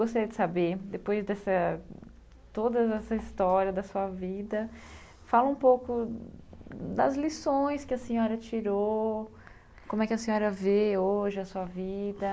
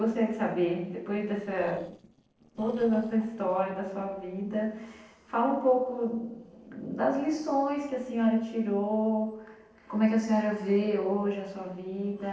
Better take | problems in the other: first | noise reduction (neural separator model SepFormer DNS4)

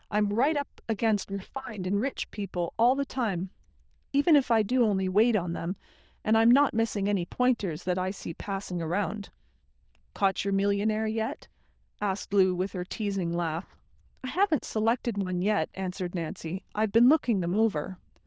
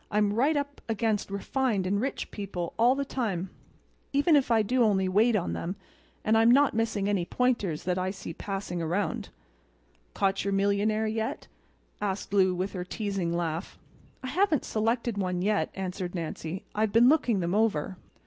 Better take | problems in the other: second | noise reduction (neural diffusion model UNIVERSE++)

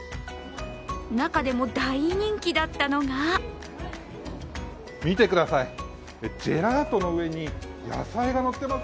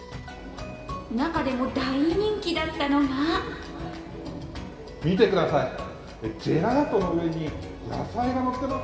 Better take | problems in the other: first | room echo; dies away in 2.2 s

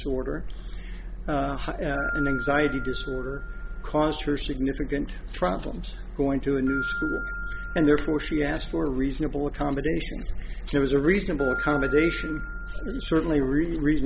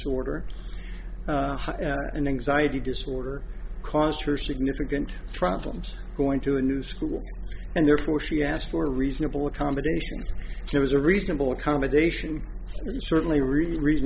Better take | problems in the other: second | background sound (Keyboard (musical)); 12 dB below the speech

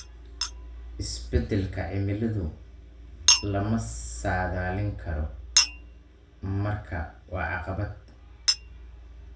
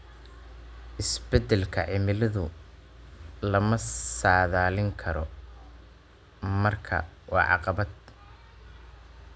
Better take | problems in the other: second | background sound (Chink, clink); 2 dB below the speech // room echo; dies away in 0.3 s

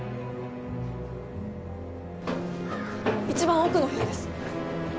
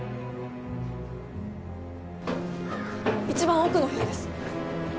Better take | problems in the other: second | background sound (Wind instrument, woodwind instrument); 17 dB below the speech

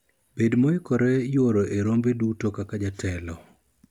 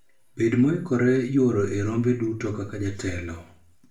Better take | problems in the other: first | room echo; dies away in 0.4 s

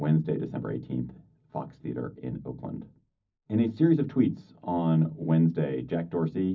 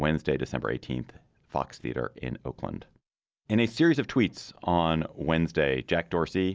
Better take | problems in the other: second | room echo; dies away in 0.4 s

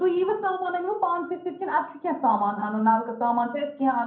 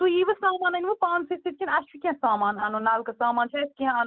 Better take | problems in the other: second | room echo; dies away in 0.6 s

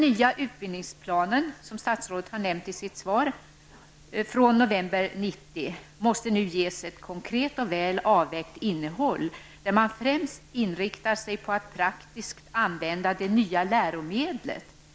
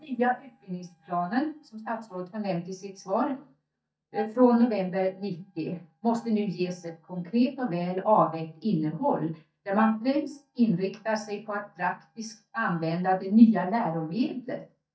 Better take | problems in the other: first | noise reduction (neural mask model DeepFilterNet 3)

